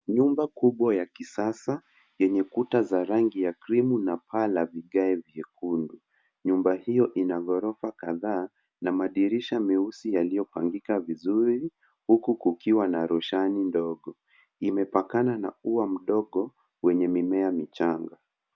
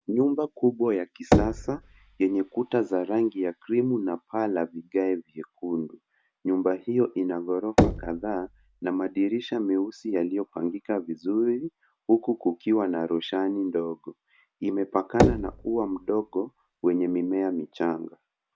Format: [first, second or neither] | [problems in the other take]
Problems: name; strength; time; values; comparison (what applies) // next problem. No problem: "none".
first | background sound (Knock / Wood); 3 dB below the speech